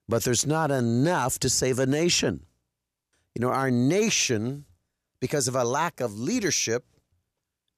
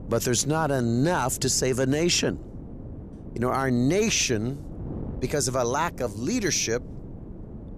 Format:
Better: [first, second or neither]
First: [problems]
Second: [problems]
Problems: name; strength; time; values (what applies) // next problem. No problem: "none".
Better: first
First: none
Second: wind noise on the microphone; occasional gusts; 20 dB below the speech